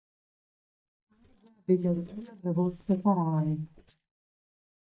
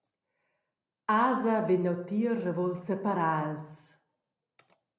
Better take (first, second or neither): second